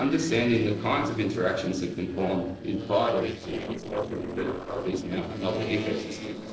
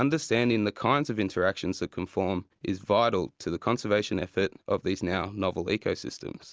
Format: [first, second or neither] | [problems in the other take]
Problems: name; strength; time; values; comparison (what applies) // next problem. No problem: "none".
second | noise reduction (neural separator model SepFormer DNS4)